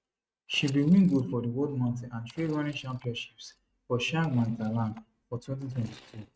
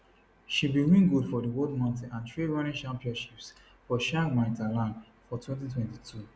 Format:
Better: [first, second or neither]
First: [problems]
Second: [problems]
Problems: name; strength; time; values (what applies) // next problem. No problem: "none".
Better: second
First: noise reduction (neural mask model RNNoise)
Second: none